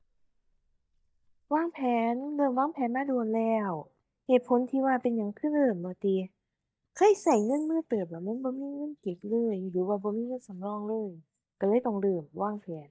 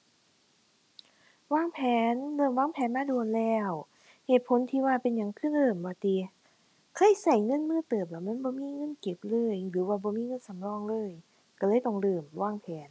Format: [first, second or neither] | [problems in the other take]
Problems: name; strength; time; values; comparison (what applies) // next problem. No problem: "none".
second | noise reduction (neural mask model DeepFilterNet 3)